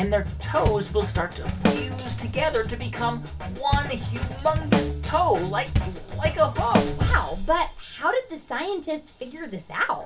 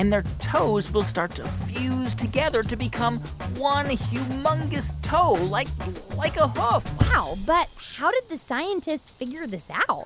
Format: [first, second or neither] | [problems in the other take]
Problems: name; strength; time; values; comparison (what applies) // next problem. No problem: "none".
second | background sound (Drum kit); 2 dB below the speech // room echo; dies away in 0.2 s